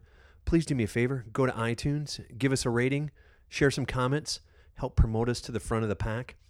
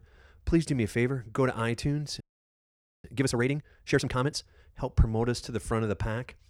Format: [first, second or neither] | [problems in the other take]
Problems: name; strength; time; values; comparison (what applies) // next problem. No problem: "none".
first | audio freezing; at 2 s for 1 s